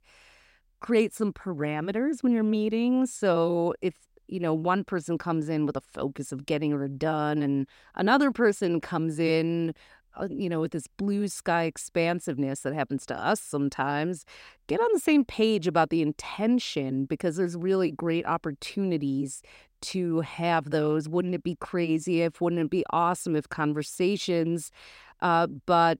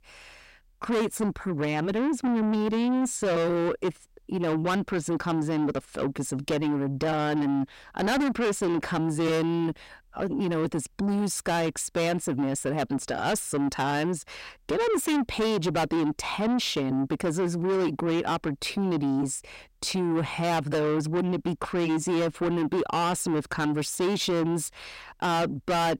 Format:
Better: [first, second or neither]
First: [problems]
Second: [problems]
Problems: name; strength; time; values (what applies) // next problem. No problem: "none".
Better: first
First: none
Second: distortion; heavy; 6 dB below the speech